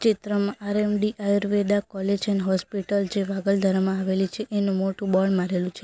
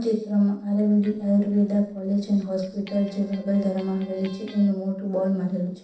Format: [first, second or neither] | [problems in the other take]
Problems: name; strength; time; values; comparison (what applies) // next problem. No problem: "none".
first | noise reduction (neural separator model SepFormer DNS4)